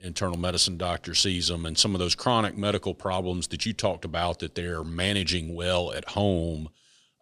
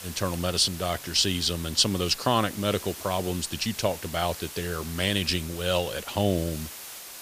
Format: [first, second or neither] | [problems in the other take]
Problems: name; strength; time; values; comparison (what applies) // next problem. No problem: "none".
first | hiss; noticeable; throughout; 10 dB below the speech